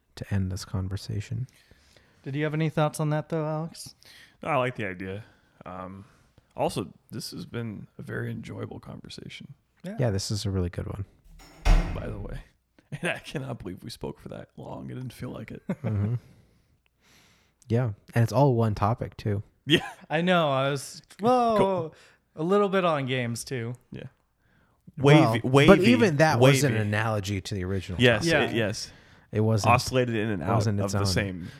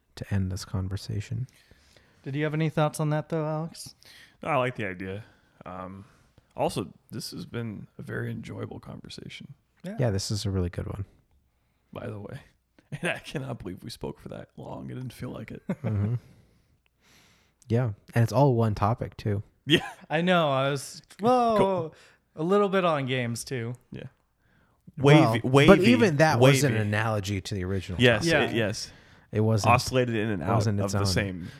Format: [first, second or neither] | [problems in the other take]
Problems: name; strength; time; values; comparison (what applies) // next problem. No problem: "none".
second | door banging; noticeable; at 12 s; peak 1 dB below the speech